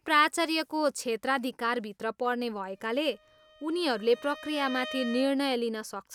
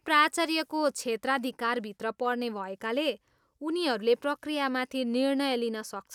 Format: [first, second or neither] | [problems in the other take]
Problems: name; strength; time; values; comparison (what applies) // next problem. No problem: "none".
second | background sound (Bowed string instrument); 16 dB below the speech